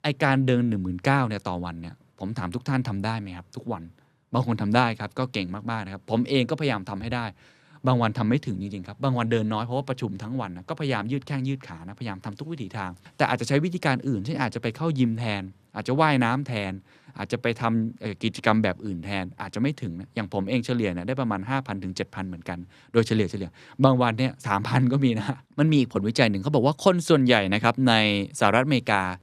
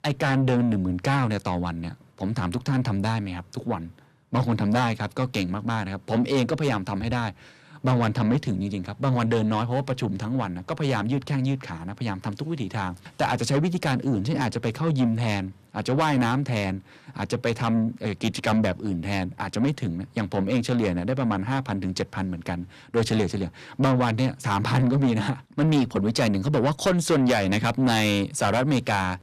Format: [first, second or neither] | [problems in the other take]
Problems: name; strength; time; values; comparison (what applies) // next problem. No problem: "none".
first | distortion; heavy; 7 dB below the speech